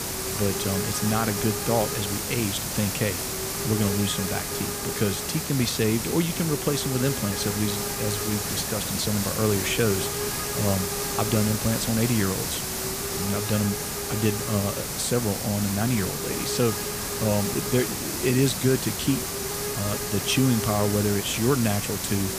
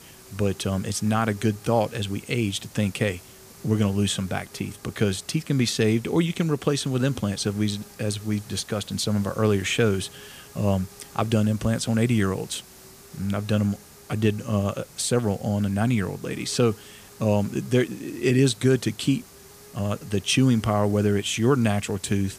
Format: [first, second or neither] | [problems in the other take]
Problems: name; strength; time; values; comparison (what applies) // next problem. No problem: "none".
second | hiss; loud; throughout; 1 dB below the speech; faint in the second